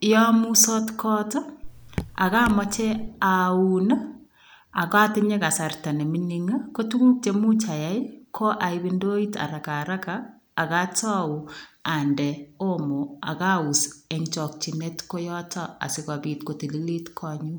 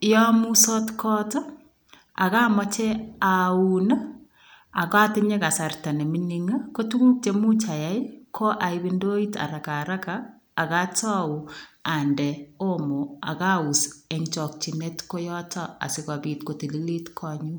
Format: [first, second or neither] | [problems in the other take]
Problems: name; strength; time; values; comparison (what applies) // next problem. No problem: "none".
second | background sound (Raindrop / Drip); 10 dB below the speech